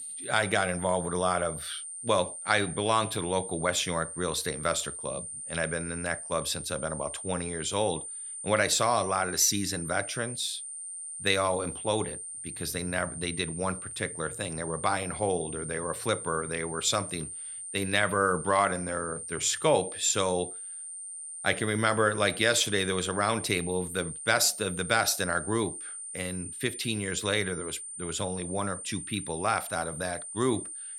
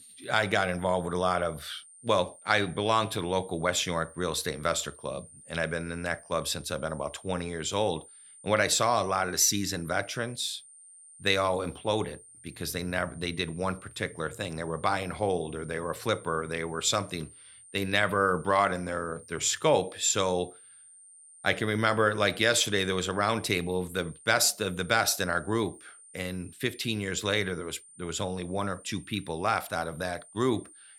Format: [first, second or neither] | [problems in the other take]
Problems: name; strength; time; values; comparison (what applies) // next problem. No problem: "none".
second | high-pitched whine; loud; throughout; 9 kHz, 8 dB below the speech; faint in the second